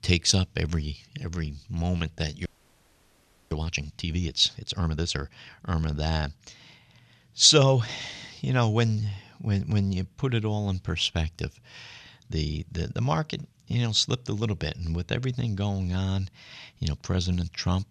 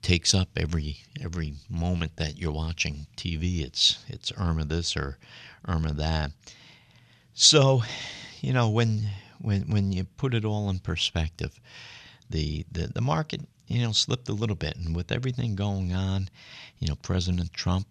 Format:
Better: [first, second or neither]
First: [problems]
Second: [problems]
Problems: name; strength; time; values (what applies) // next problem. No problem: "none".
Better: second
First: audio freezing; at 2.5 s for 1 s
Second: none